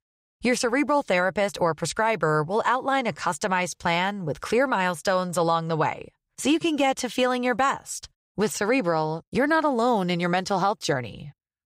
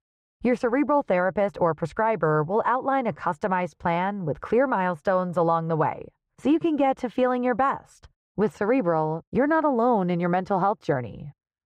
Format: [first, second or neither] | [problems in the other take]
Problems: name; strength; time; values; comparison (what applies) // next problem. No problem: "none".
first | muffled; very; fading above 2.5 kHz